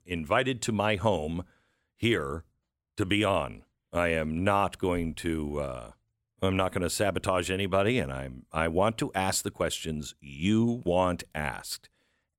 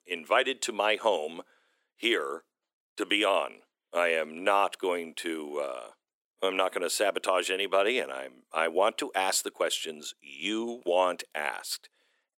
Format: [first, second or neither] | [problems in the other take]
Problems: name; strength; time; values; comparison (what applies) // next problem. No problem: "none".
first | thin; somewhat; fading below 350 Hz